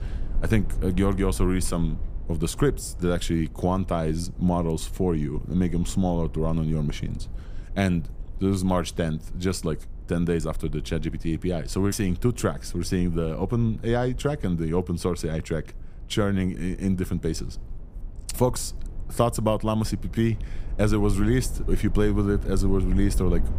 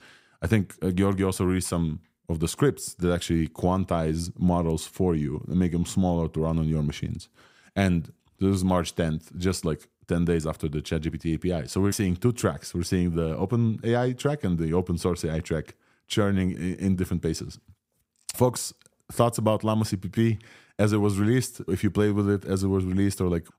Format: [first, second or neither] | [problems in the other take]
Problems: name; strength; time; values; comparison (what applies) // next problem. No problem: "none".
second | low rumble; faint; throughout; 20 dB below the speech